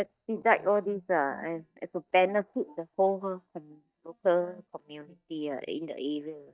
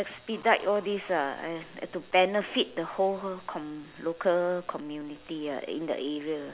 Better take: second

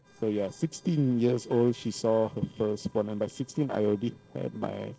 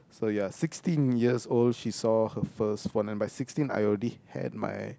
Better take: second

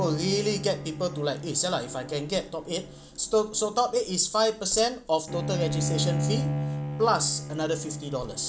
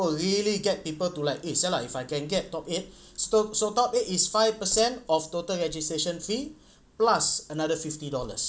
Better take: second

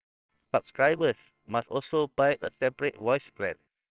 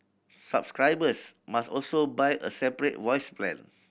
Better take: second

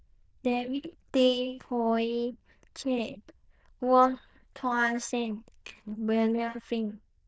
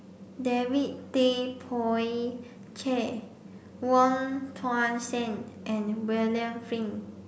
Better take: second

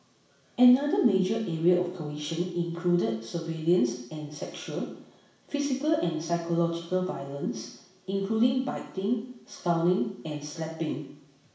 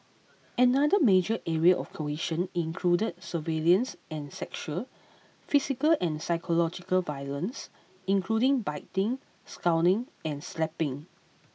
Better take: second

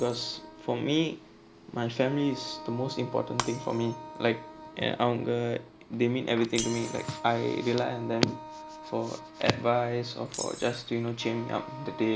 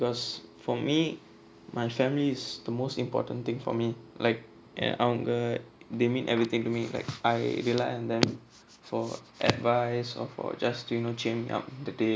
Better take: second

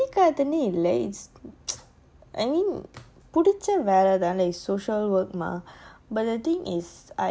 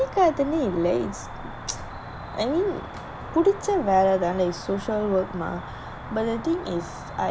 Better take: first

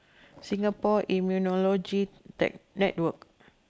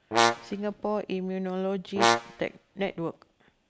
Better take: first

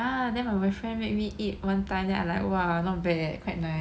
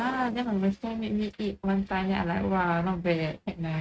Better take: first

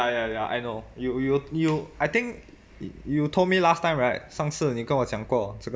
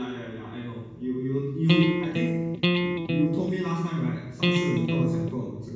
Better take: first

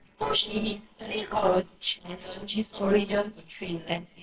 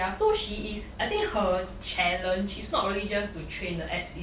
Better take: second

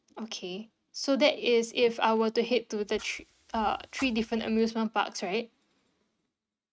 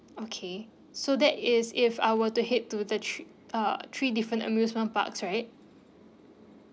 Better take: second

